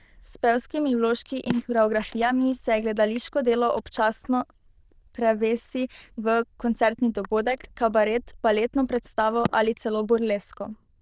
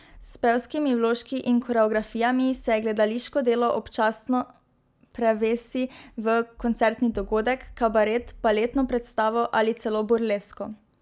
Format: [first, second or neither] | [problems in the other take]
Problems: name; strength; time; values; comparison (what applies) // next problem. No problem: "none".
second | noise reduction (neural diffusion model UNIVERSE++)